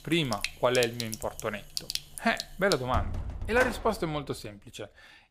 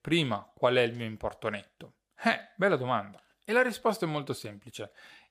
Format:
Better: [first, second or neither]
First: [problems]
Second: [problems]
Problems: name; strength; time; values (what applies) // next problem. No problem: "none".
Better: second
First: household noises; loud; throughout; 7 dB below the speech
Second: none